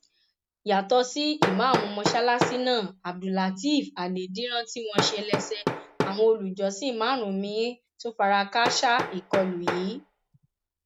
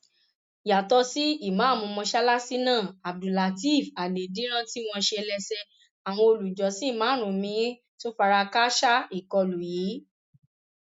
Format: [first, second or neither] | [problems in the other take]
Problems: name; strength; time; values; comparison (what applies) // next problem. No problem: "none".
second | background sound (Hammer); 6 dB below the speech